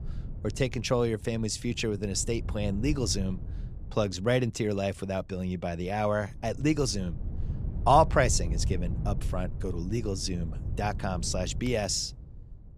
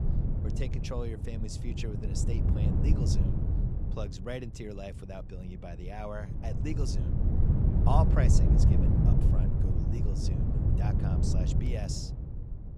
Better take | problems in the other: first | wind noise on the microphone; heavy; as loud as the speech; occasional gusts in the first

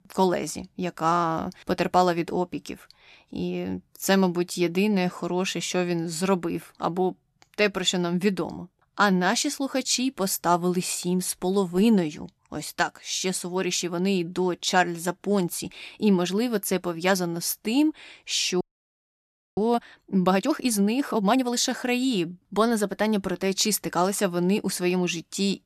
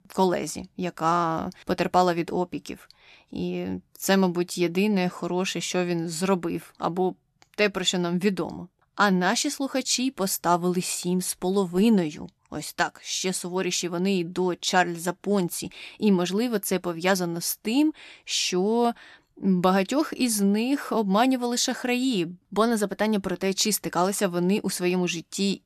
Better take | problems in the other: second | audio freezing; at 19 s for 1 s

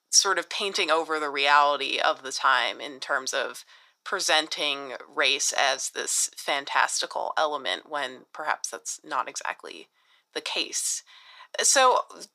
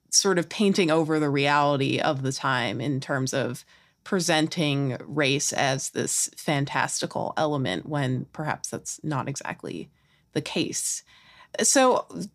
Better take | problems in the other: second | thin; very; fading below 500 Hz

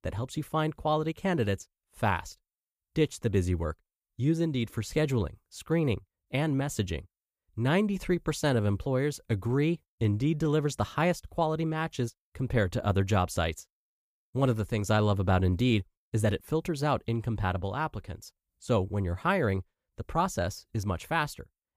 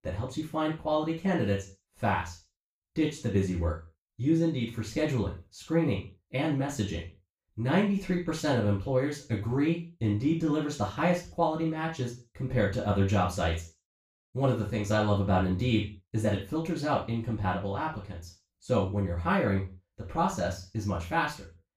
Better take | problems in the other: first | room echo; noticeable; dies away in 0.3 s // off-mic speech; far

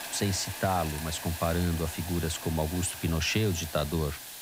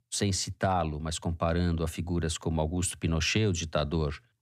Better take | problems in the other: second | hiss; loud; throughout; 8 dB below the speech

